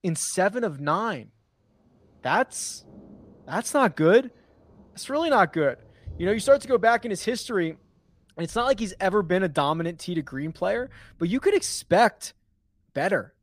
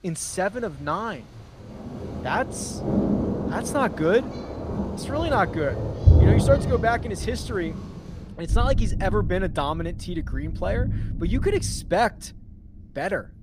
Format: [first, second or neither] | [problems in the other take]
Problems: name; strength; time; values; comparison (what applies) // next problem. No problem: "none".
first | rain or running water; loud; throughout; as loud as the speech; faint in the first